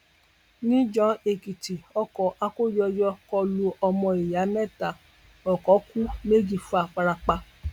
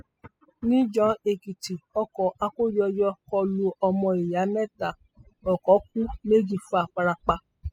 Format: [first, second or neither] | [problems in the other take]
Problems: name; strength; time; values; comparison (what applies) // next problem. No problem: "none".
first | noise reduction (classical method spectral subtraction)